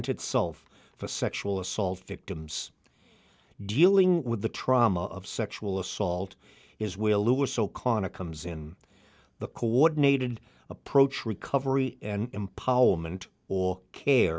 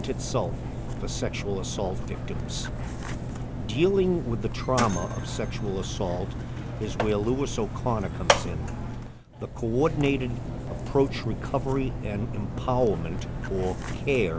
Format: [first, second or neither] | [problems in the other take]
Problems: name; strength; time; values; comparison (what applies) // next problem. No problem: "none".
first | background sound (Mechanisms); 2 dB below the speech